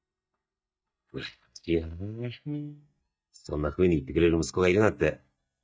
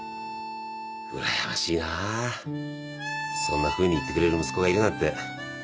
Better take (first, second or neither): second